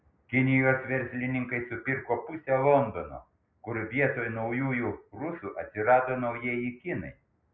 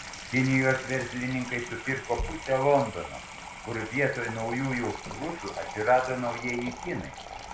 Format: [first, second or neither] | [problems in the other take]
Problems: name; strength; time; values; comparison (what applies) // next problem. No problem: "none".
first | background sound (Sink (filling or washing) / Water tap, faucet); 10 dB below the speech